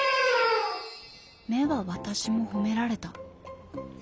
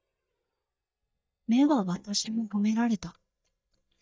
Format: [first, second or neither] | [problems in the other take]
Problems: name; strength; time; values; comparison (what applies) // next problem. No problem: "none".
first | noise reduction (neural mask model DeepFilterNet 3)